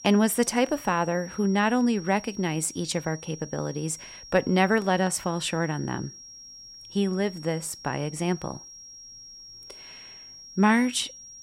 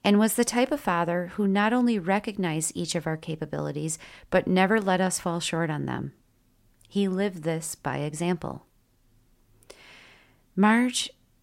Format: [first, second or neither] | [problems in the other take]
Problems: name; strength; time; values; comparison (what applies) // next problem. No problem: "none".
second | high-pitched whine; noticeable; throughout; 5.5 kHz, 15 dB below the speech